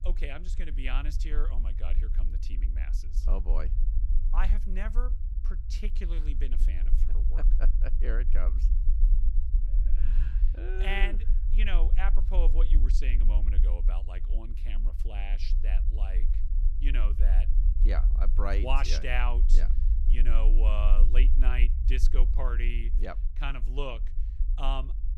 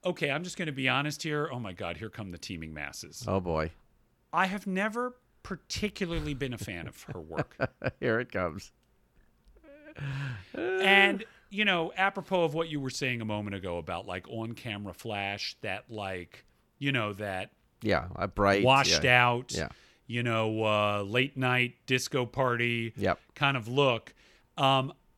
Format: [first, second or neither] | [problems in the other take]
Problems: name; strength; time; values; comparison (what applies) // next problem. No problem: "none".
second | low rumble; noticeable; throughout; 15 dB below the speech